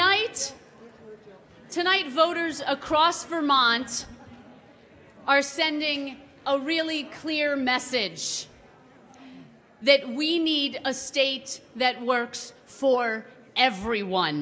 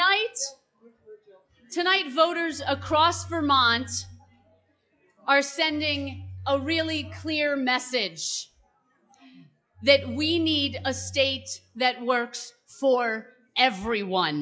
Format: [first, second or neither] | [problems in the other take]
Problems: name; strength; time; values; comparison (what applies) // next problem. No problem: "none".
first | noise reduction (classical method log-MMSE)